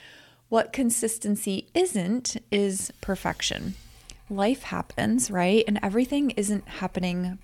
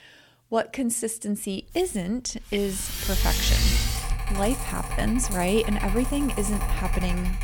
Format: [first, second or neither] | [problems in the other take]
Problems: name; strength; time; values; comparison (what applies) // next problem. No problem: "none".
first | machinery noise; loud; from 2 s on; as loud as the speech; faint in the first